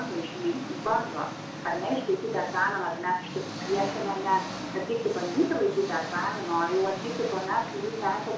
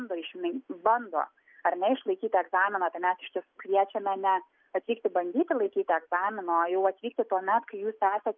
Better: second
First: background sound (Engine); 8 dB below the speech // room echo; dies away in 0.4 s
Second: none

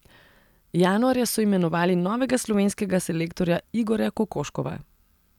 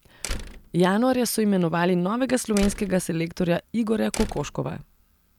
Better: first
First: none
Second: background sound (Slam); 11 dB below the speech

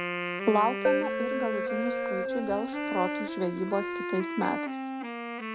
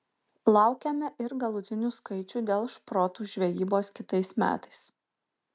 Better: second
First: background sound (Keyboard (musical) + Wind instrument, woodwind instrument); as loud as the speech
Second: none

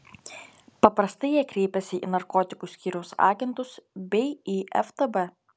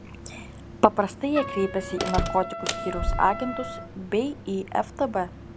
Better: first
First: none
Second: background sound (Slam + Trumpet); 6 dB below the speech

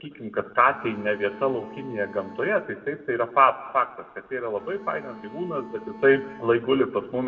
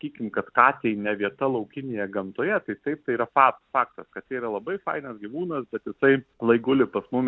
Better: second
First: background sound (Bowed string instrument); 18 dB below the speech // room echo; dies away in 0.8 s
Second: none

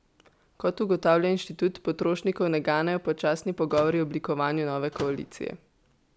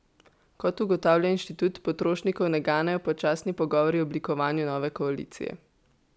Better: second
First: background sound (Slam / Microwave oven); 18 dB below the speech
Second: none

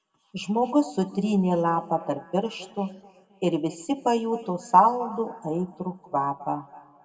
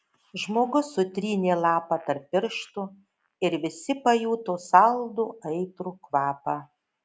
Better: second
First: room echo; dies away in 1.5 s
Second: none

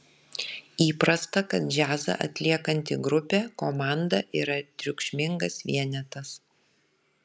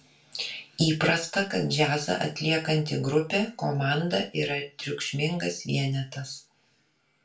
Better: first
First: none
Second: room echo; dies away in 0.3 s

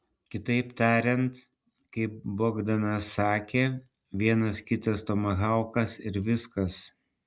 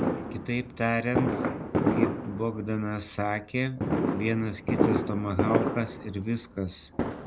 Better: first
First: none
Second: background sound (Fireworks); 1 dB above the speech

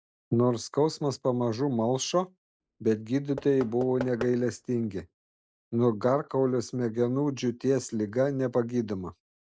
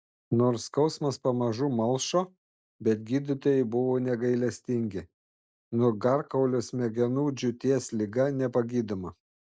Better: second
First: background sound (Knock / Wood); 15 dB below the speech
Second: none

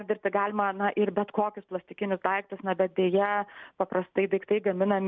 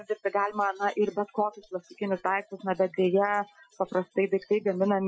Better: first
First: none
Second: noise reduction (classical method Wiener filter)

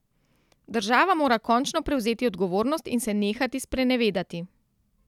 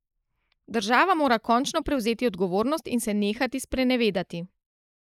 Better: first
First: none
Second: noise reduction (neural mask model Resemble Enhance denoiser)

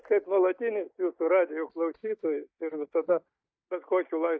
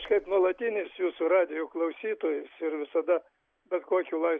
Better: second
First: noise reduction (neural mask model DeepFilterNet 3)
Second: none

